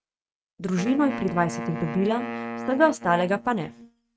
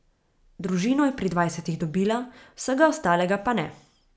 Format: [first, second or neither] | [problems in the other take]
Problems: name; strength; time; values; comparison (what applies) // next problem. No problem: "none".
second | noise reduction (neural mask model RNNoise)